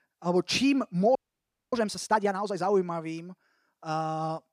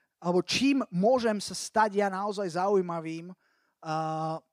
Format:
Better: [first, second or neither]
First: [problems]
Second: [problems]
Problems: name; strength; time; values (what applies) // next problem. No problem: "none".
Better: second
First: audio freezing; at 1 s for 0.5 s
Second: none